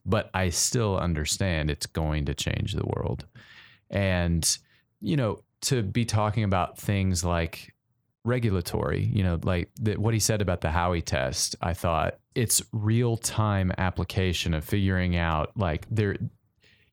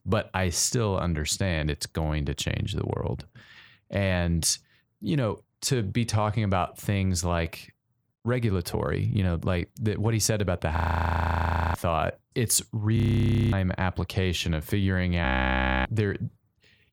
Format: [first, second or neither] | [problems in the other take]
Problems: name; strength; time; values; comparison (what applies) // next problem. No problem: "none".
first | audio freezing; at 11 s for 1 s, at 13 s for 0.5 s and at 15 s for 0.5 s